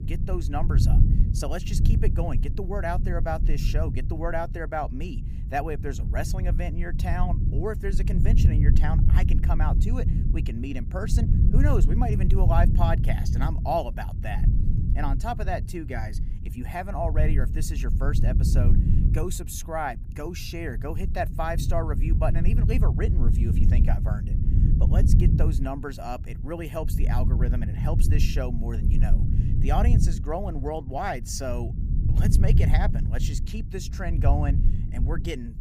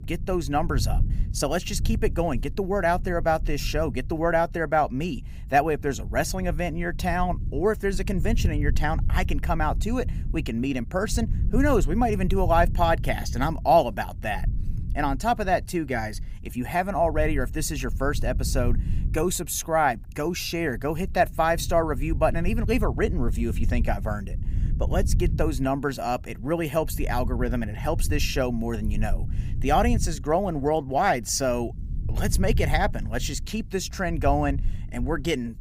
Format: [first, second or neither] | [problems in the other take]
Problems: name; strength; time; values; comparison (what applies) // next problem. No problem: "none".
second | low rumble; loud; throughout; 7 dB below the speech; faint in the second